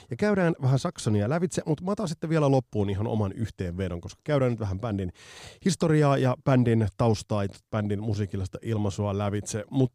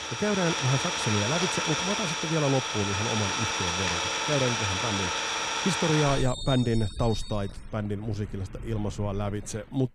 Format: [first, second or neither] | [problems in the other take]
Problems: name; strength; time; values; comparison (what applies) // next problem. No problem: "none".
first | traffic noise; very loud; throughout; 2 dB above the speech